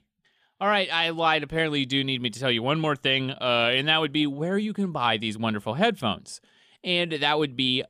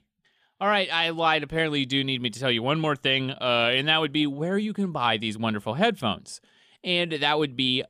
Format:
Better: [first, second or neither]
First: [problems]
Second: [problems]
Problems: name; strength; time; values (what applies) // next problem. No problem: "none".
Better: neither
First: none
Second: none